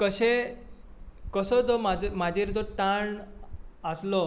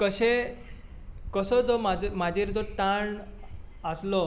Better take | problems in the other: first | background sound (Subway, metro, underground / Wind); 18 dB below the speech

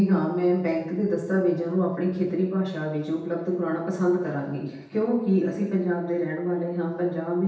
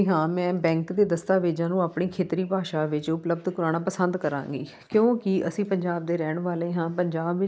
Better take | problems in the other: second | room echo; dies away in 0.9 s

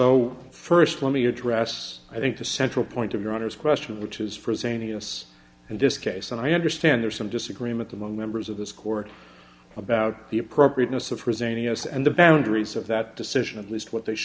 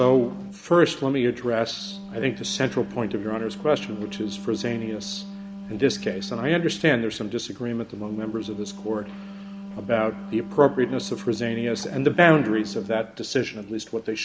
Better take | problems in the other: first | background sound (Wind instrument, woodwind instrument); 13 dB below the speech

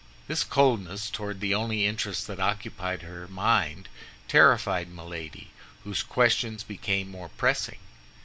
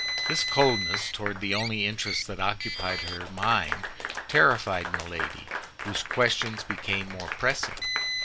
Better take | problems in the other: first | background sound (Car + Applause / Clapping); 4 dB below the speech

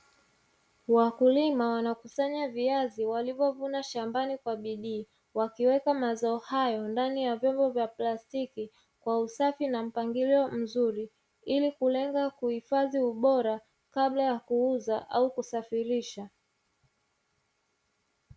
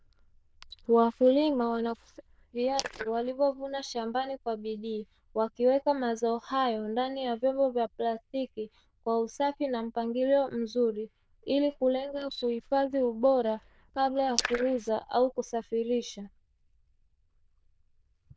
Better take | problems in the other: first | noise reduction (neural diffusion model UNIVERSE++)

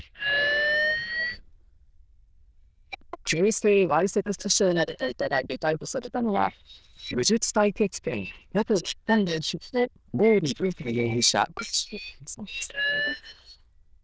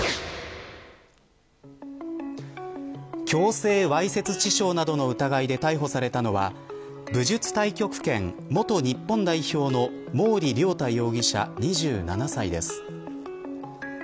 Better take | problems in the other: second | noise reduction (neural diffusion model UNIVERSE++)

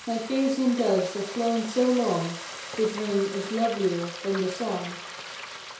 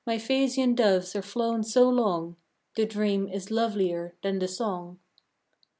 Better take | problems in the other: second | background sound (Frying (food)); 12 dB below the speech // room echo; dies away in 0.6 s

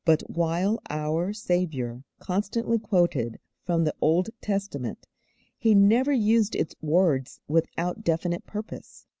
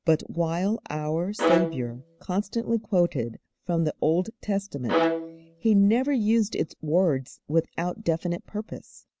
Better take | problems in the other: first | background sound (Bowed string instrument); 3 dB below the speech

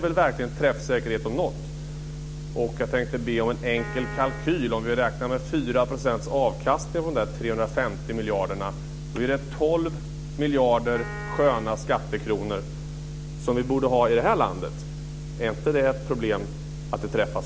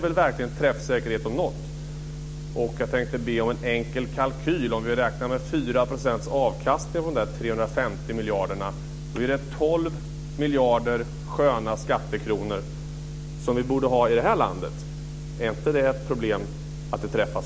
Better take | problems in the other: second | background sound (Piano); 13 dB below the speech

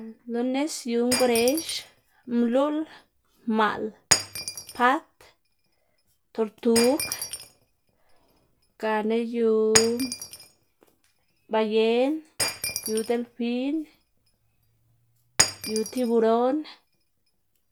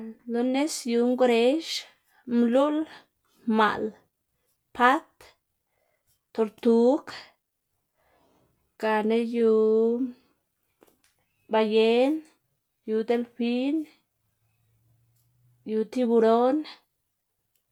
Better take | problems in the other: second | background sound (Shatter); 7 dB below the speech

